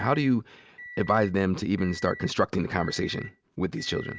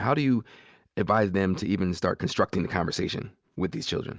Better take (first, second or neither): second